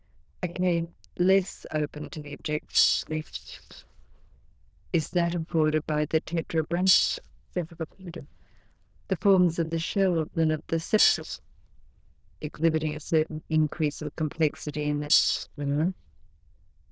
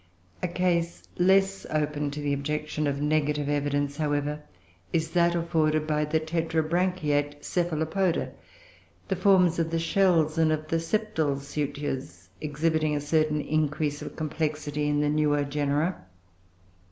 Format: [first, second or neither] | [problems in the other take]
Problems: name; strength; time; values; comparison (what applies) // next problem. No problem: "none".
second | noise reduction (neural diffusion model UNIVERSE++)